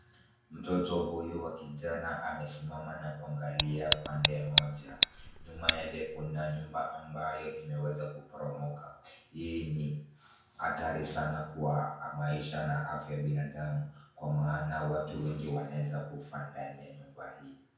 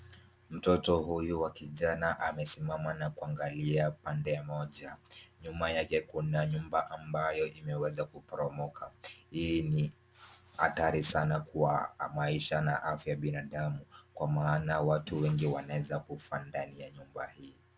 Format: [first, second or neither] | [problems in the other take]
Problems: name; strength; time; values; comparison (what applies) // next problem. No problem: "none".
second | background sound (Tick); 4 dB above the speech // room echo; dies away in 0.5 s